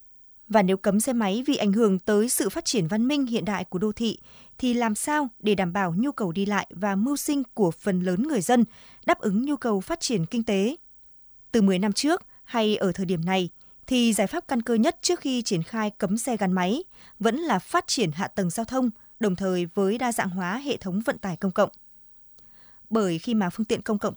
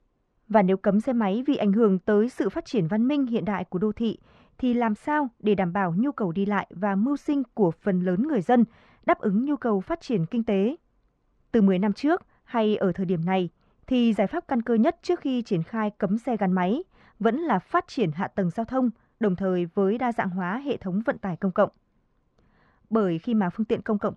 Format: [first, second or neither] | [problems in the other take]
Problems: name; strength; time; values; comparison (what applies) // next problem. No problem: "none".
first | muffled; very; fading above 2 kHz